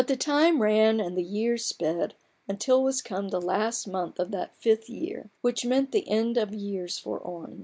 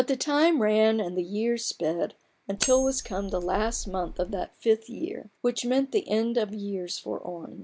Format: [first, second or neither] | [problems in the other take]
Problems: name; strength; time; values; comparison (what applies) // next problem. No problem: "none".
first | background sound (Cutlery, silverware); 8 dB below the speech